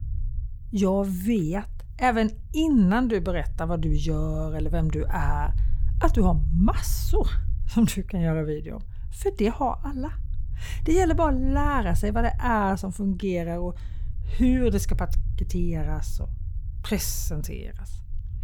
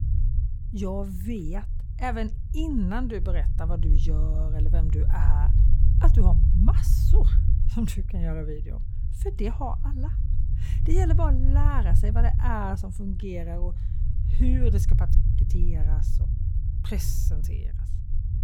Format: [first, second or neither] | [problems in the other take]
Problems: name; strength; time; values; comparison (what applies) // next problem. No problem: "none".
first | low rumble; loud; throughout; 8 dB below the speech; faint in the first